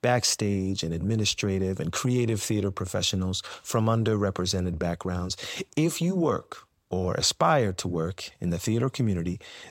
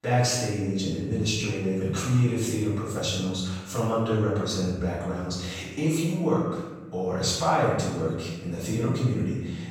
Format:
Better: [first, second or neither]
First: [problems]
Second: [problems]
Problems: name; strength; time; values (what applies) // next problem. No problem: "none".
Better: first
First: none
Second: off-mic speech; far // room echo; strong; dies away in 1 s